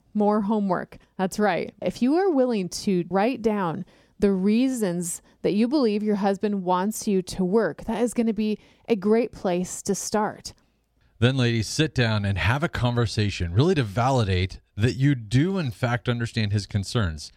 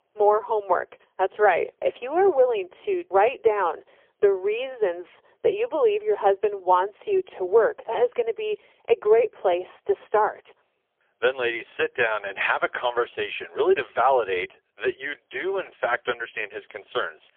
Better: first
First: none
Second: phone-call audio; poor line; nothing above 3.5 kHz

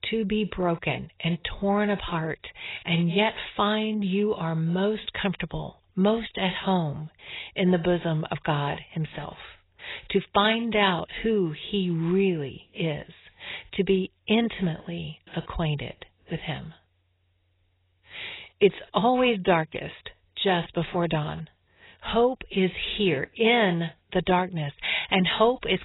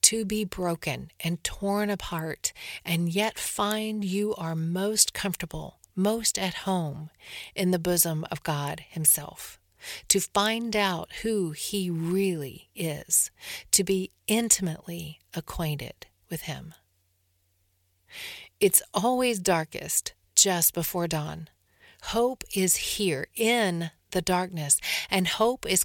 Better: second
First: garbled, watery; badly; nothing above 4 kHz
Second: none

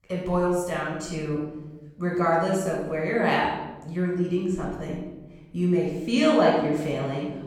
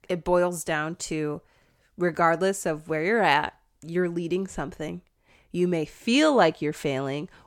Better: second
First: off-mic speech; far // room echo; noticeable; dies away in 1.2 s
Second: none

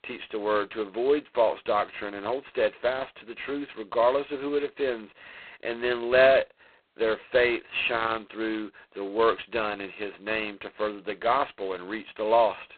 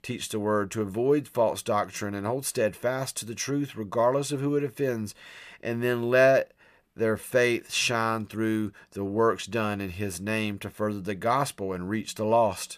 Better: second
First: phone-call audio; poor line; nothing above 4 kHz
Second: none

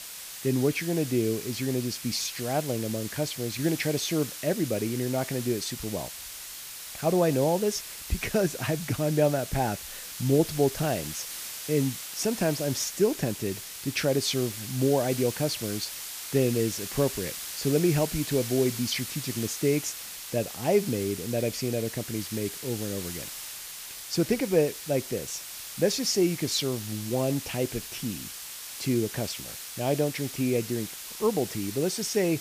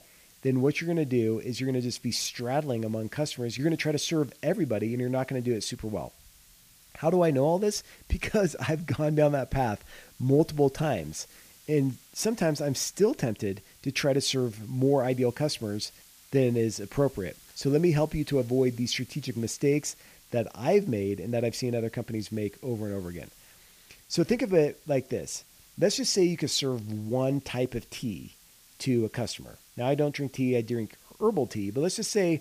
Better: second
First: hiss; loud; throughout; 8 dB below the speech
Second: hiss; faint; throughout; 25 dB below the speech

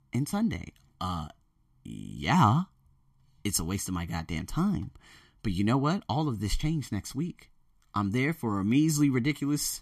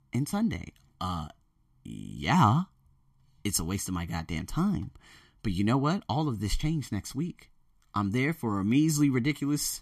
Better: neither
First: none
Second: none

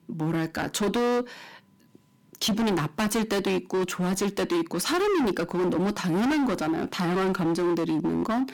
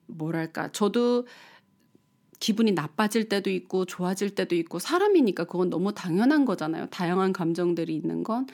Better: second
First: distortion; heavy; 26% of the sound clipped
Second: none

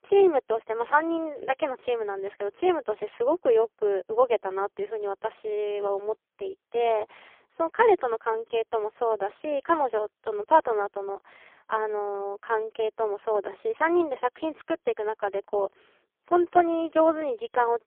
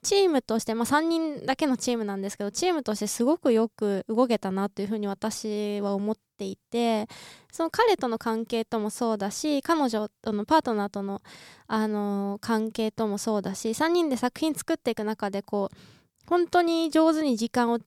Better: second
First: phone-call audio; poor line; nothing above 3.5 kHz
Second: none

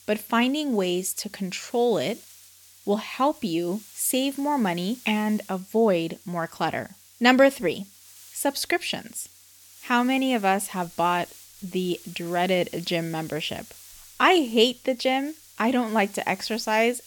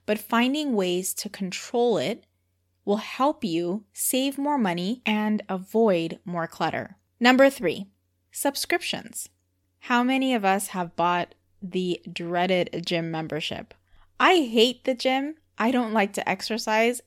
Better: second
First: hiss; faint; throughout; 20 dB below the speech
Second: none

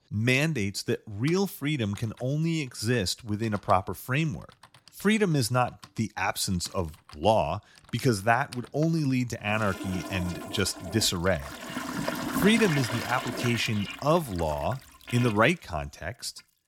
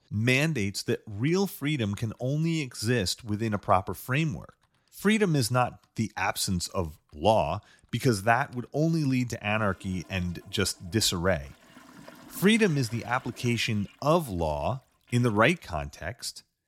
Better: second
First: household noises; loud; throughout; 9 dB below the speech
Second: household noises; faint; throughout; 25 dB below the speech

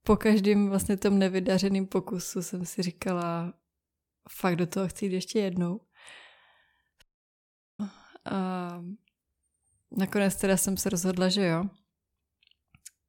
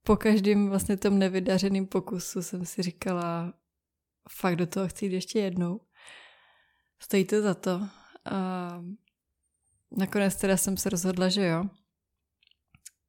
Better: second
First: audio cutting out; at 7 s for 1 s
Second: none

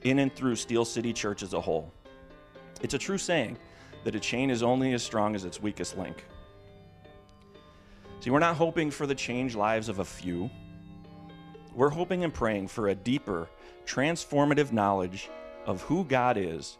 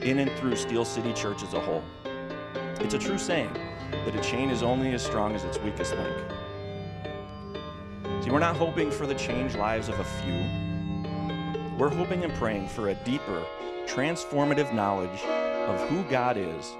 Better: first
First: background music; faint; throughout; 20 dB below the speech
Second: background music; loud; throughout; 3 dB below the speech

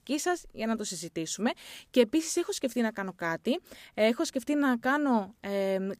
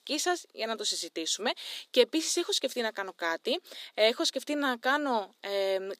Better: first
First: none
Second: thin; somewhat; fading below 350 Hz

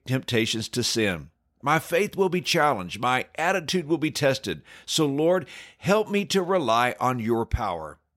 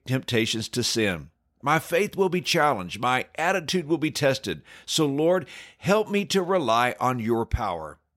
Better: neither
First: none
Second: none

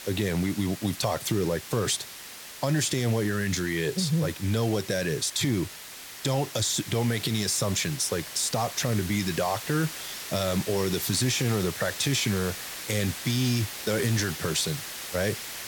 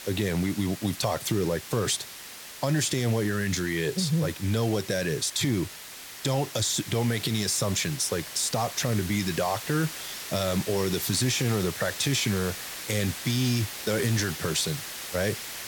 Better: neither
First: hiss; loud; throughout; 9 dB below the speech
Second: hiss; loud; throughout; 9 dB below the speech

